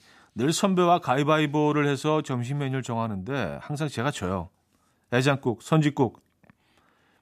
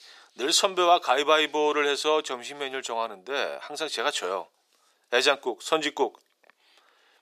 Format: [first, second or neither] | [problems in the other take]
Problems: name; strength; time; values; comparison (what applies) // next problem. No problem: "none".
first | thin; very; fading below 400 Hz